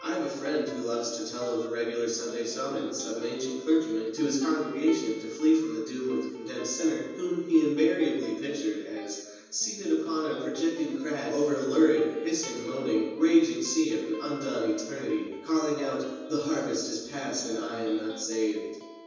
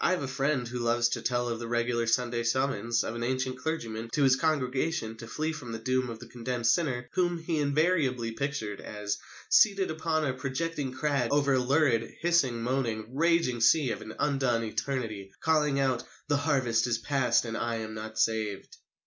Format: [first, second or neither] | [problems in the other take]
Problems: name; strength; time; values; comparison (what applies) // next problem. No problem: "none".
second | background sound (Electric guitar); 19 dB below the speech // room echo; dies away in 1.1 s